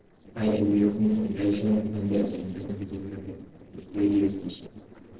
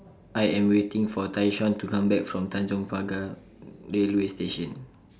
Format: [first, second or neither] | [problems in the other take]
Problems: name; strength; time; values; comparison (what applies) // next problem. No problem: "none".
second | noise reduction (neural separator model SepFormer DNS4)